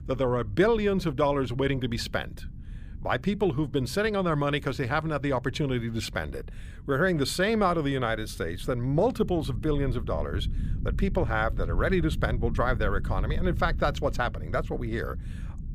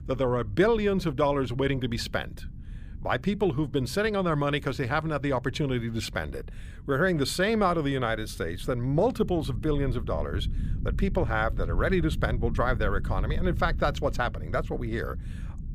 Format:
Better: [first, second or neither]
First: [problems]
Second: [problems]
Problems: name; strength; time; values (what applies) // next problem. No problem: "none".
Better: neither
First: low rumble; faint; throughout; 20 dB below the speech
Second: low rumble; faint; throughout; 20 dB below the speech